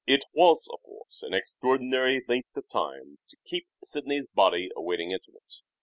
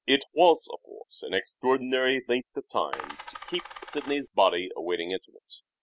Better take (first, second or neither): first